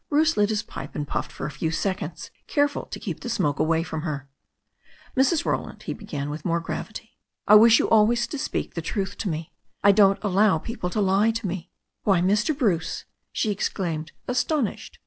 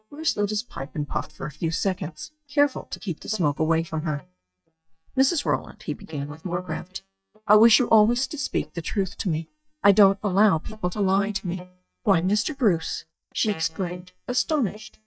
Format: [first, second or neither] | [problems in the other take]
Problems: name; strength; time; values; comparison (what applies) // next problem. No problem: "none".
first | noise reduction (neural mask model DeepFilterNet 3)